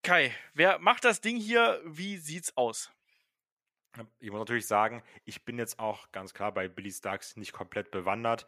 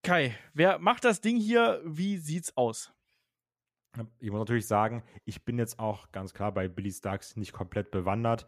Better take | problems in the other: second | thin; somewhat; fading below 550 Hz

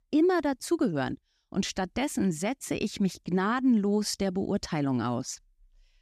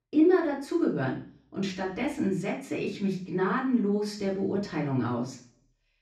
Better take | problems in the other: first | room echo; slight; dies away in 0.5 s // off-mic speech; far

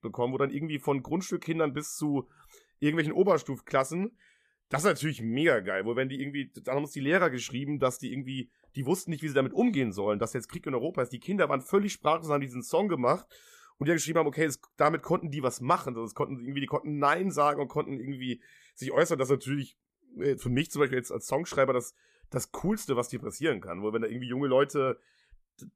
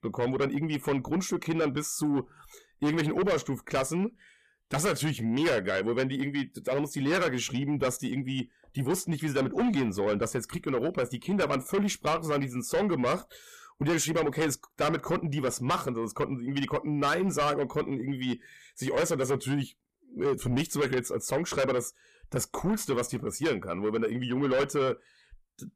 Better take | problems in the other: first | distortion; heavy; 6 dB below the speech

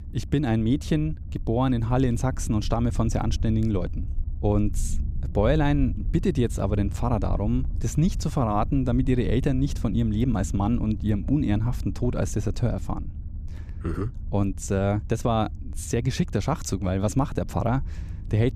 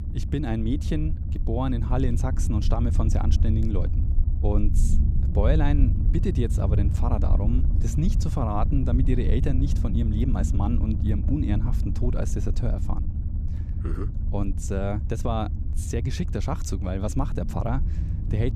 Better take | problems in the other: first | low rumble; loud; throughout; 9 dB below the speech; faint in the first

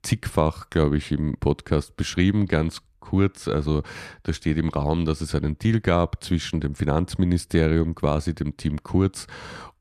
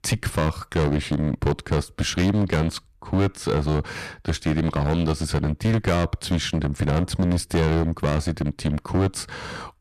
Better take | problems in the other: first | distortion; heavy; 11% of the sound clipped

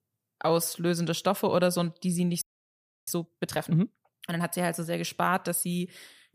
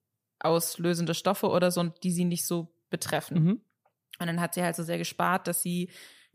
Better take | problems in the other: second | audio freezing; at 2.5 s for 0.5 s

